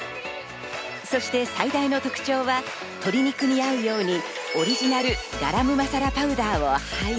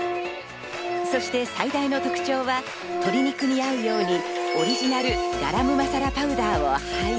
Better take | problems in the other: first | background sound (Organ); 4 dB below the speech

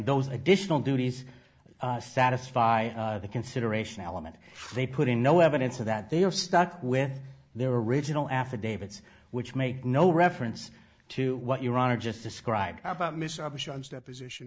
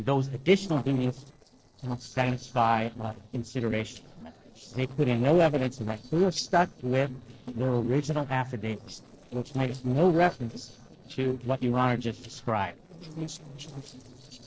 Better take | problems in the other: first | noise reduction (neural separator model SepFormer DNS4)

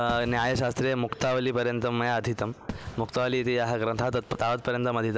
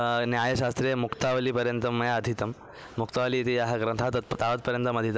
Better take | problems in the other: second | background sound (Fireworks); 18 dB below the speech

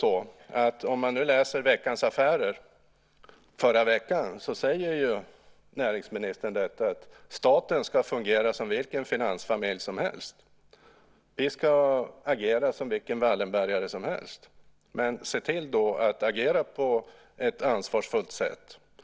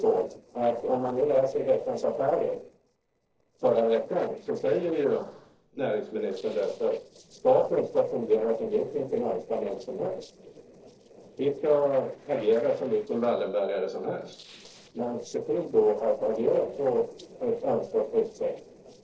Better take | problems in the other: first | noise reduction (neural separator model SepFormer DNS4)

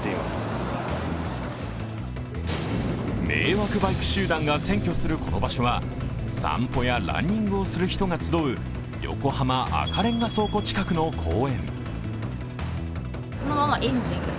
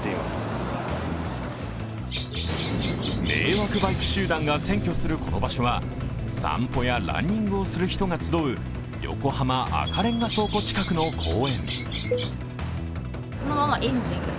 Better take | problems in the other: first | background sound (Cowbell + Bird vocalization, bird call, bird song); 10 dB below the speech

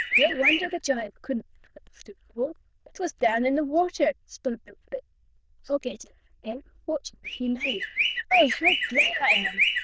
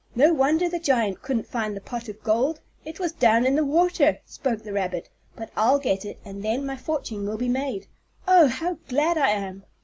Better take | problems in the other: second | noise reduction (neural diffusion model UNIVERSE++)

